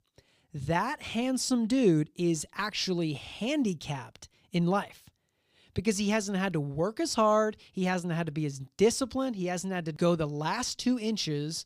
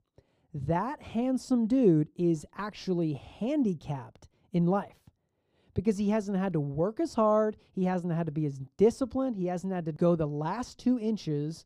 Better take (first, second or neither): first